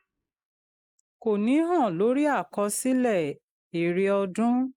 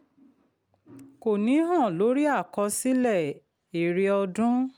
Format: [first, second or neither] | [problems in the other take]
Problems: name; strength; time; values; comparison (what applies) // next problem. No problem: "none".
second | noise reduction (neural mask model Resemble Enhance denoiser)